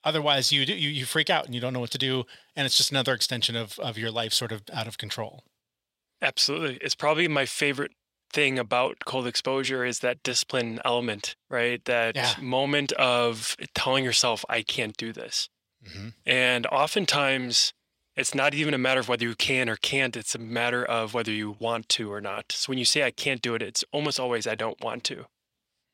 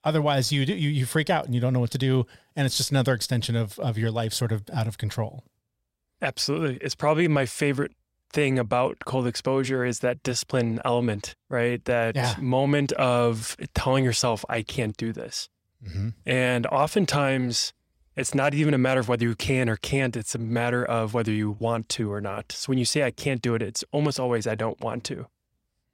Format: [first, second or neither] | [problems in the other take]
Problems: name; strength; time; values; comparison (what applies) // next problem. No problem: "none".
second | thin; very slightly; fading below 750 Hz